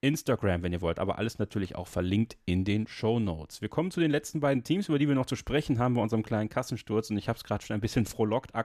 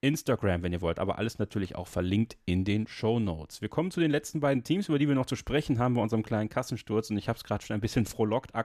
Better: neither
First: none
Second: none

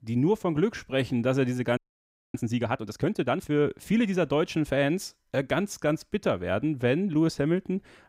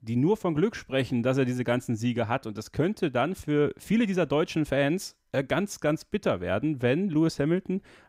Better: second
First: audio freezing; at 2 s for 0.5 s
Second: none

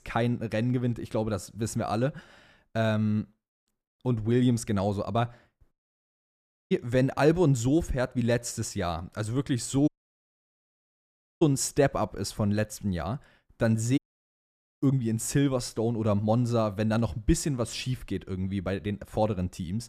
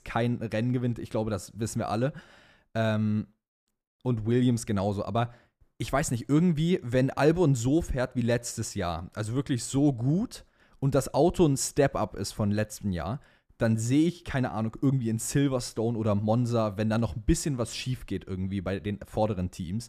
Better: second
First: audio cutting out; at 5.5 s for 1 s, at 10 s for 1.5 s and at 14 s for 1 s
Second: none

